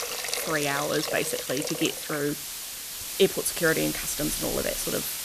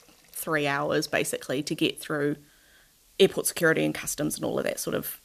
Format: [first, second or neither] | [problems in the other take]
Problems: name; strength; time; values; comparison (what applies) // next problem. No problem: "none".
second | hiss; loud; throughout; 2 dB below the speech; faint in the second